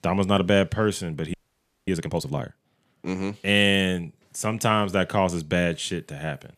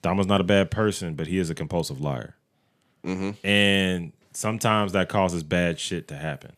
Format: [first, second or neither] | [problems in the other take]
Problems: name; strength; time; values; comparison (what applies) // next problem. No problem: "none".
second | audio freezing; at 1.5 s for 0.5 s